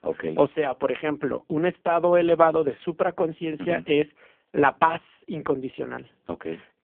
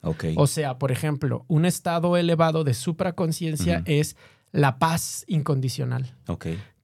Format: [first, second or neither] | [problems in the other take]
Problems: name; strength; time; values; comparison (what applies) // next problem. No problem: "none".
second | phone-call audio; poor line